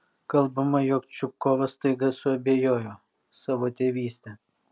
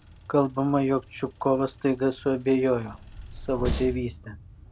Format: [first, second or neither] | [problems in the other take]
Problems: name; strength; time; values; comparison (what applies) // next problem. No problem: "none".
first | background sound (Train); 12 dB below the speech